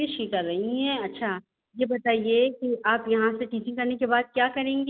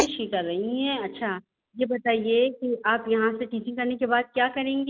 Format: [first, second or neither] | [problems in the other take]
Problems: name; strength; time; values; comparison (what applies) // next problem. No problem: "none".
first | background sound (Writing); 13 dB below the speech